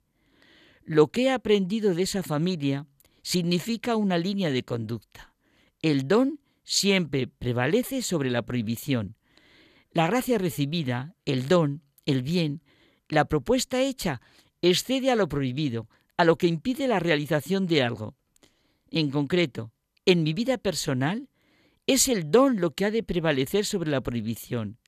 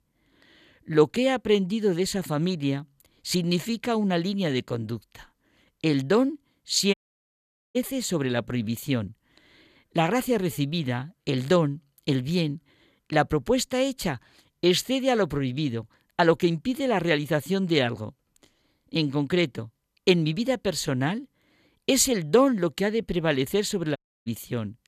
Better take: first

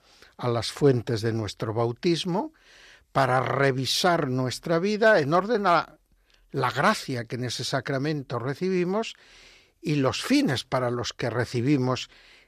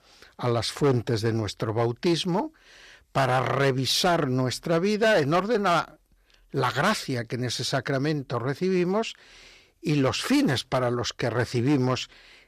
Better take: first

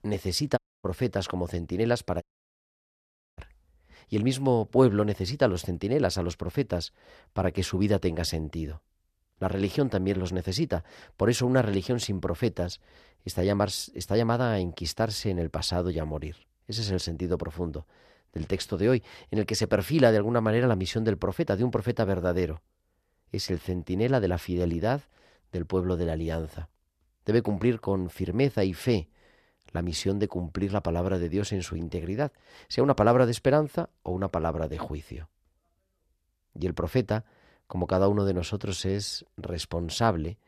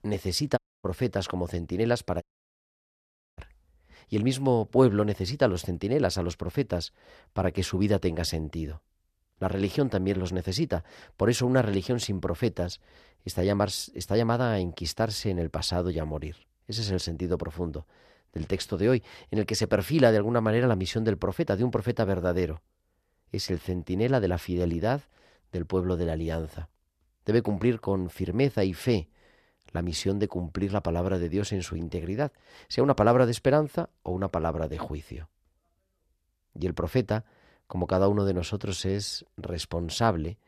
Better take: neither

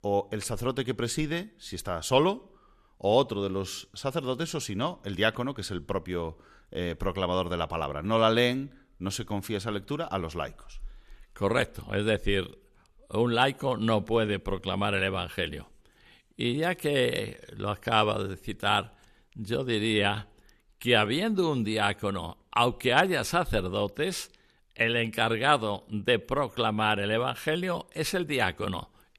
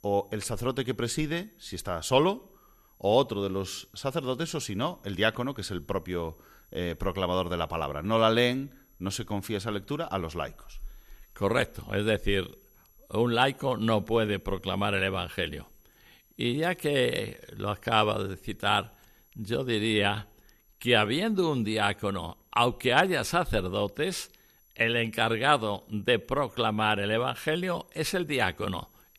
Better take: first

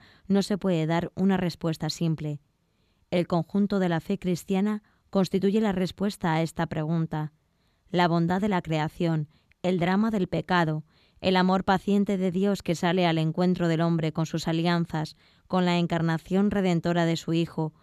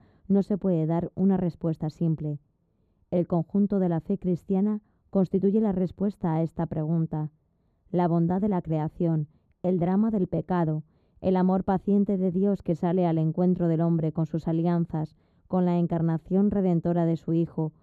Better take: first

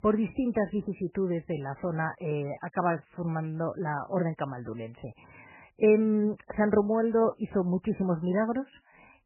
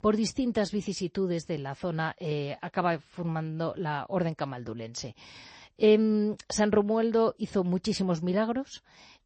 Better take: second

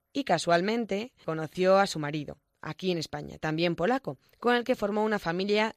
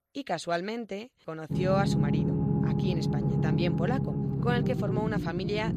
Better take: first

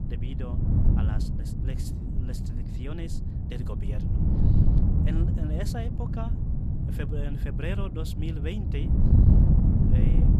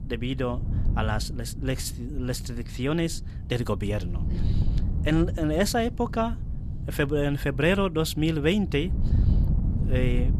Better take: second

